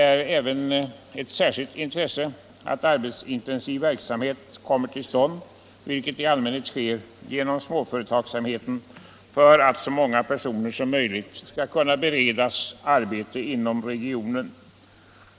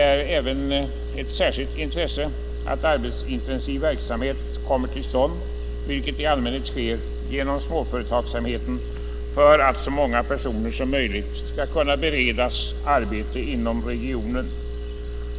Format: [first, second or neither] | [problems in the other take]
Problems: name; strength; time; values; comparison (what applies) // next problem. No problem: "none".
first | background sound (Engine); 4 dB below the speech